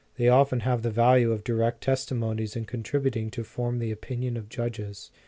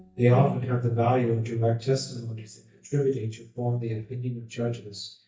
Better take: first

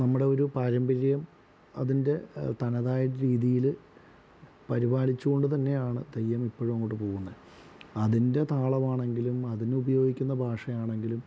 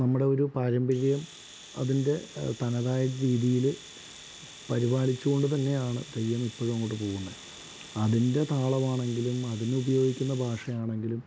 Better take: first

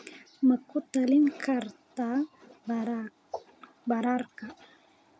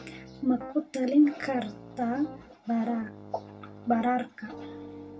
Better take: first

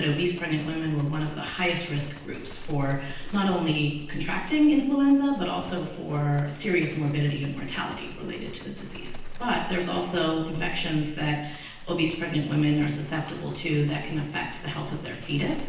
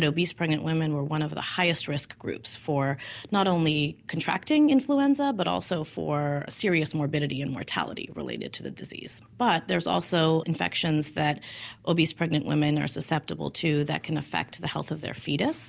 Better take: second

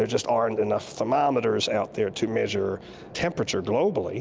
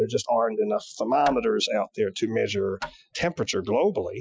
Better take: first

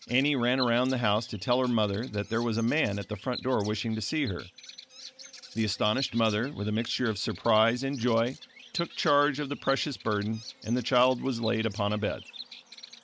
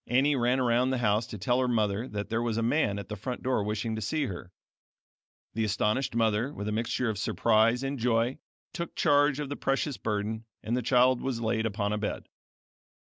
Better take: second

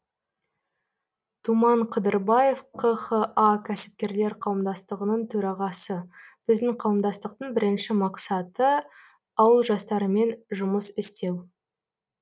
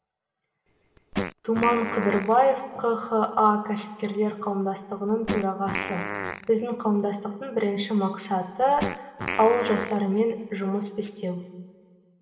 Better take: first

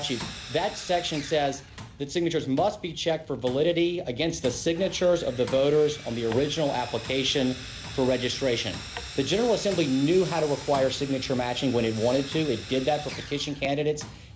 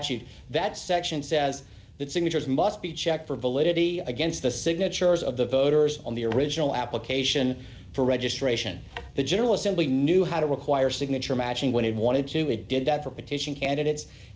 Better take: second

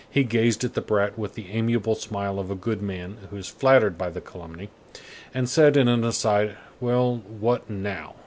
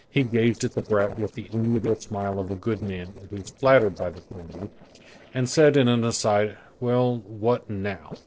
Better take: first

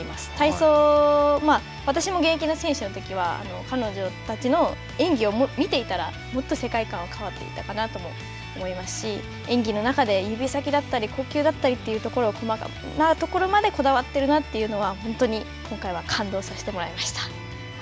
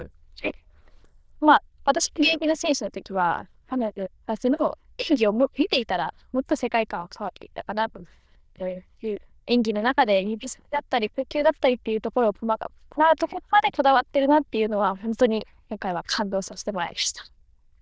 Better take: first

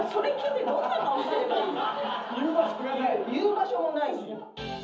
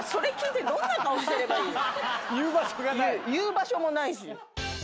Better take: second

